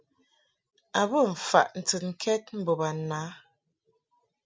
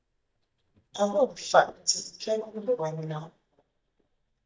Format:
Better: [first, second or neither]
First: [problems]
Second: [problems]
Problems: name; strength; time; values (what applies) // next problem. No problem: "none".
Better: first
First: none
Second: noise reduction (neural mask model DeepFilterNet 3)